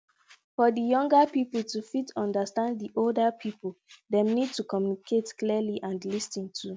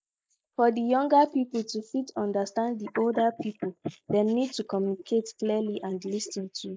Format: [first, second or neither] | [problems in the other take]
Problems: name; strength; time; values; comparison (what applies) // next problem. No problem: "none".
first | noise reduction (neural mask model Resemble Enhance denoiser)